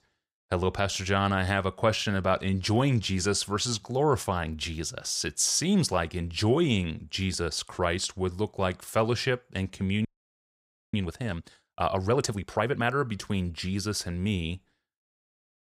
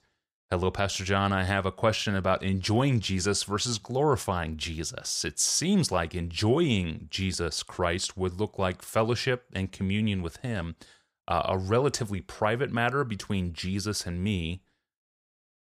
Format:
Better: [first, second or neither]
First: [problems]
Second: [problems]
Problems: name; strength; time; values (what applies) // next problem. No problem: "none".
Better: second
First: audio freezing; at 10 s for 1 s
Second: none